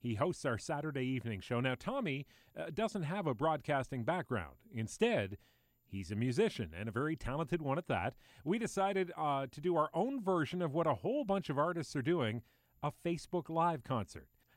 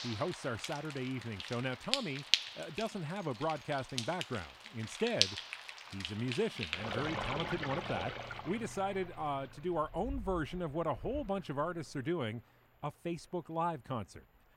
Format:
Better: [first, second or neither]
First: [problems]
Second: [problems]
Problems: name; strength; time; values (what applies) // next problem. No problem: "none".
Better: first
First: none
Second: rain or running water; loud; throughout; as loud as the speech